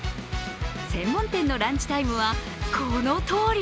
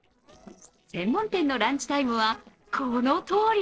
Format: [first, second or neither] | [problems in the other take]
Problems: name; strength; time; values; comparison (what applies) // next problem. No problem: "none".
first | noise reduction (neural separator model SepFormer DNS4)